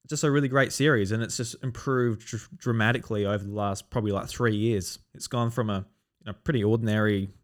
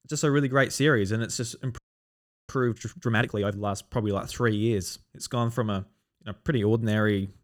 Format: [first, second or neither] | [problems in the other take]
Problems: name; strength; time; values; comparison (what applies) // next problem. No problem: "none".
first | audio freezing; at 2 s for 0.5 s